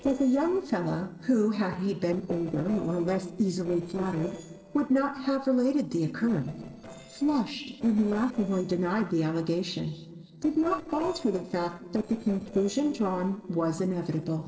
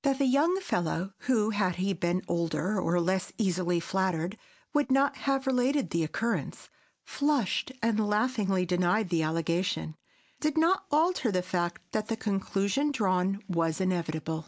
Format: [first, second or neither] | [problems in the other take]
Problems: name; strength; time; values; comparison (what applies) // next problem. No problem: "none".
second | noise reduction (neural separator model SepFormer DNS4)